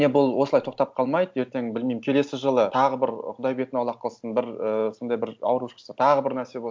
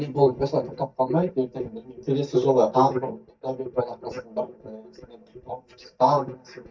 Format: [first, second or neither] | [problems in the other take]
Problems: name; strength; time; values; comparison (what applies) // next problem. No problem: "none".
first | noise reduction (neural mask model DeepFilterNet 3)